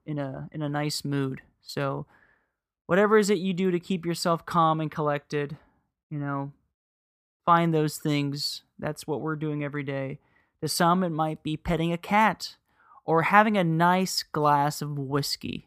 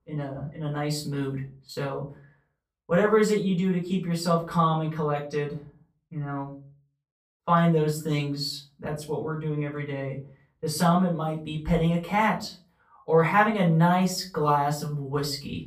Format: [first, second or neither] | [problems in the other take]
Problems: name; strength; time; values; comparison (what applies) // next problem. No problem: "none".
first | room echo; slight; dies away in 0.3 s // off-mic speech; far